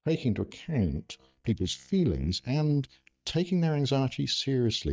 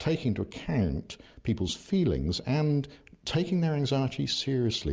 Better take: second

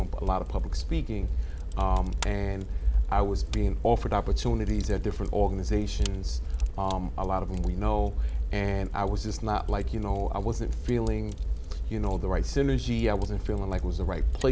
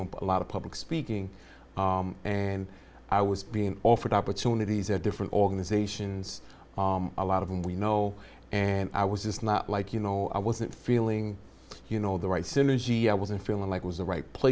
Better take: second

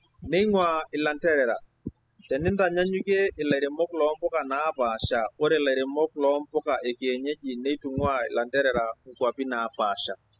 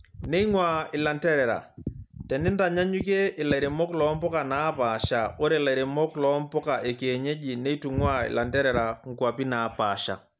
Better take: second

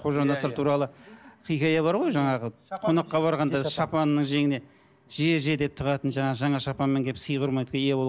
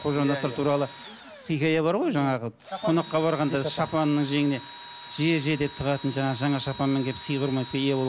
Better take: first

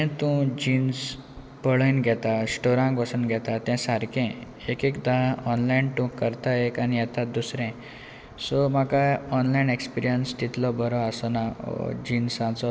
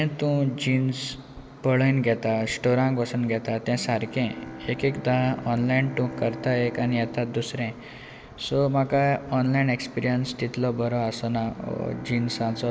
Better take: first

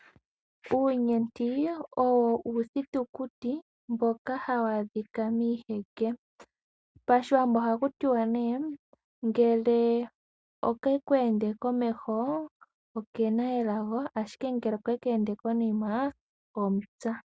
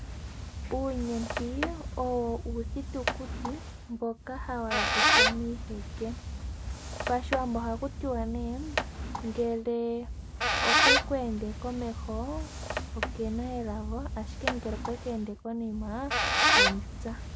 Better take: first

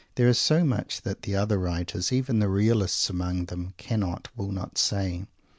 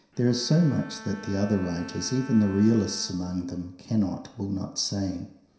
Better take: first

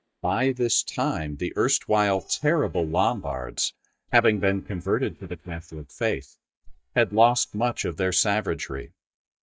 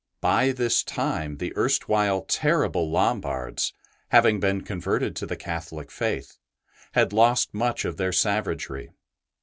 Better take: second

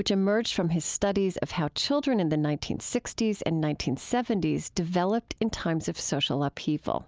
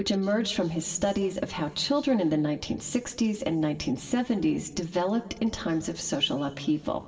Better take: first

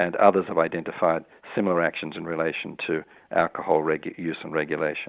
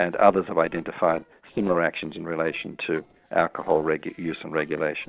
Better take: first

